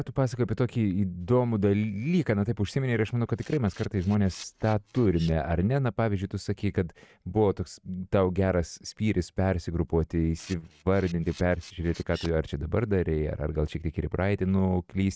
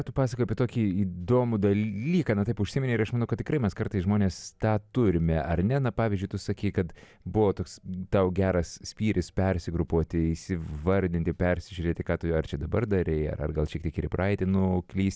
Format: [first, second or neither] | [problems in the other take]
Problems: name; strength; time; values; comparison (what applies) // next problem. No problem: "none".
second | noise reduction (neural mask model RNNoise)